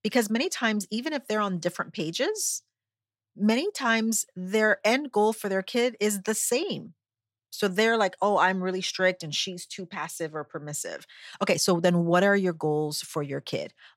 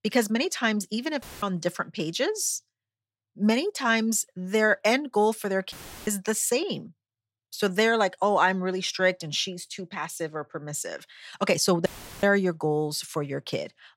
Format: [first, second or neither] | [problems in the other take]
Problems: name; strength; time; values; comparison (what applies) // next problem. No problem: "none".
first | audio cutting out; filled with static; at 1 s, at 5.5 s and at 12 s